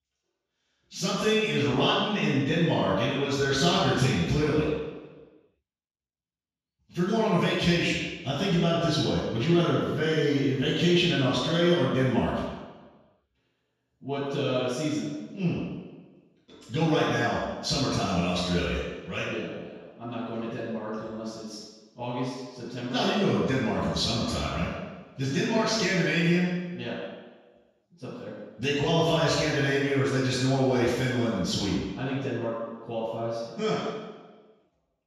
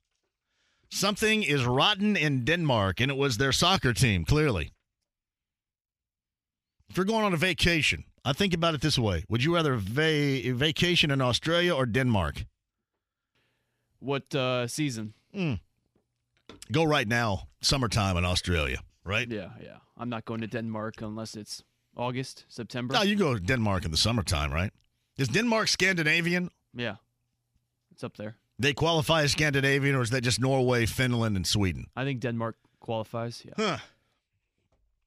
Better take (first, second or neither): second